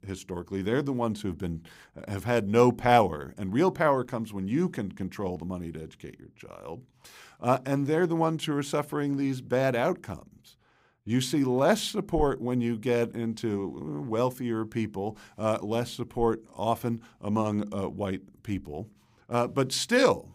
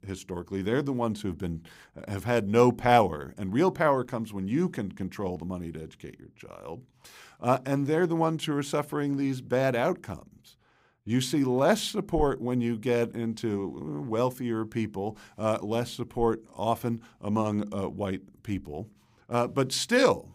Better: neither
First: none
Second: none

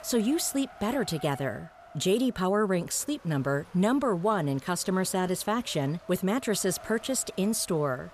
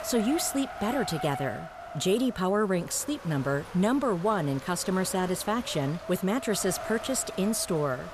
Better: first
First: wind noise on the microphone; occasional gusts; 20 dB below the speech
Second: wind noise on the microphone; heavy; 9 dB below the speech

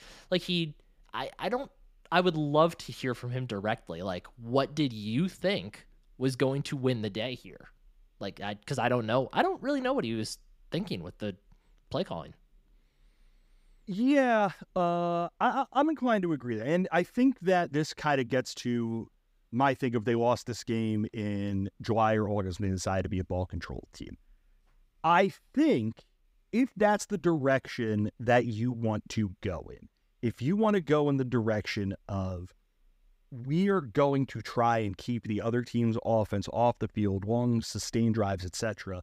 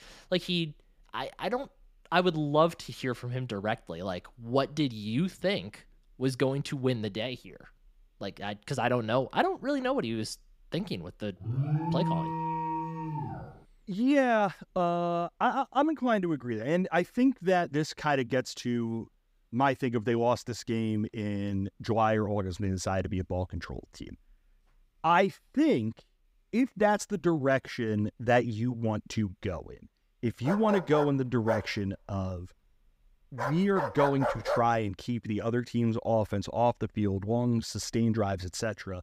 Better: first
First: none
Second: alarm; loud; from 11 to 13 s; peak 1 dB above the speech // dog barking; noticeable; from 30 to 35 s; peak 2 dB below the speech

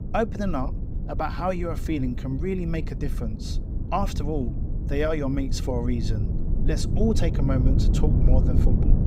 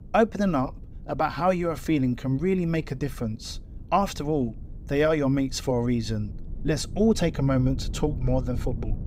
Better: second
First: low rumble; loud; throughout; 9 dB below the speech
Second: low rumble; faint; throughout; 25 dB below the speech

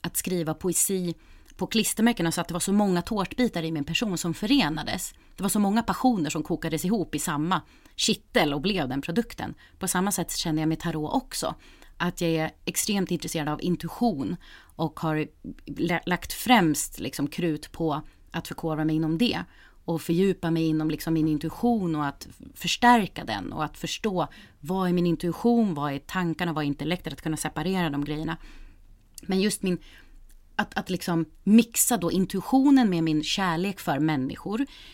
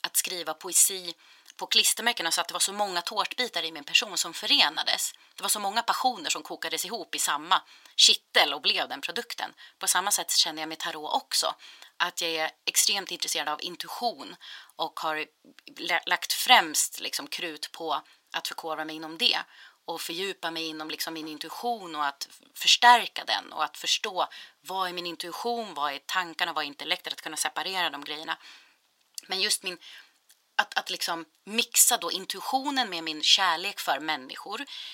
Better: first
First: none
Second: thin; very; fading below 850 Hz

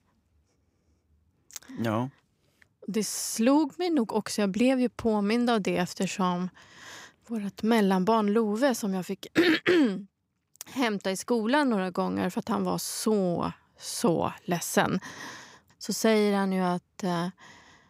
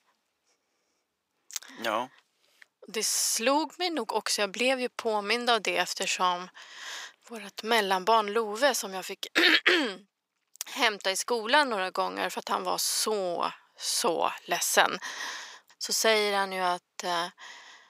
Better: first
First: none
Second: thin; very; fading below 600 Hz

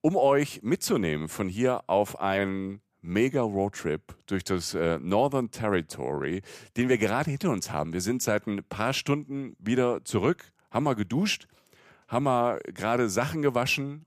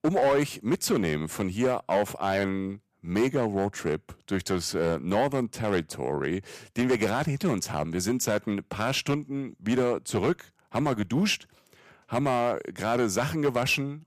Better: first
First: none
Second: distortion; slight; 5% of the sound clipped

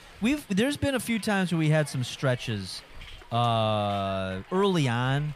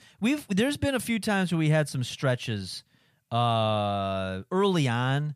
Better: second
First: hiss; faint; throughout; 20 dB below the speech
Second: none

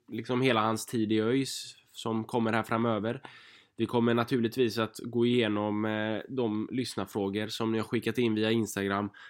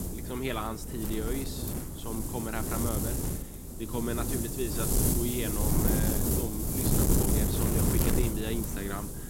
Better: first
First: none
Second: wind noise on the microphone; heavy; 3 dB above the speech

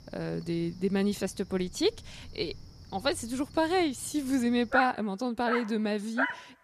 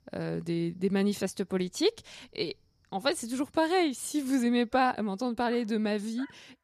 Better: second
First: animal sounds; loud; throughout; 4 dB below the speech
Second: animal sounds; faint; throughout; 25 dB below the speech

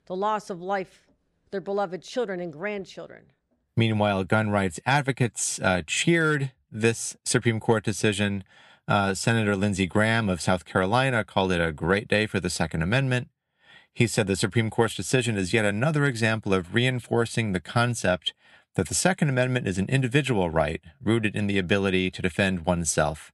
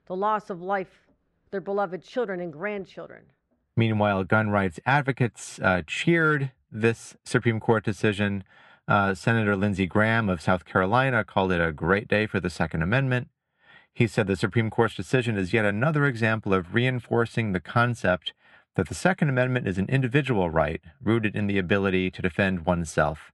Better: first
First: none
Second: muffled; slightly; fading above 4 kHz

